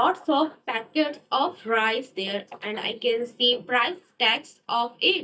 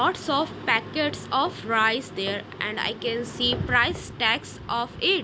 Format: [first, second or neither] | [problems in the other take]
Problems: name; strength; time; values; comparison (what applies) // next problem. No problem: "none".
second | noise reduction (neural mask model DeepFilterNet 3)